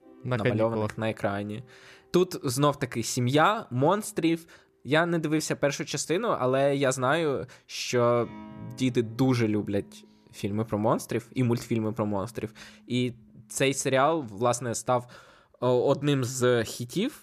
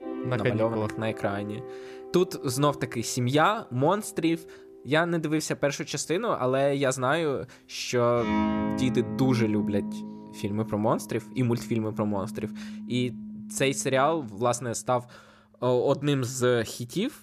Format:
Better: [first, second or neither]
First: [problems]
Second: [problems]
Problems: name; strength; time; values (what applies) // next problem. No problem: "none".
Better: first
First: background music; faint; throughout; 25 dB below the speech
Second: background music; loud; throughout; 8 dB below the speech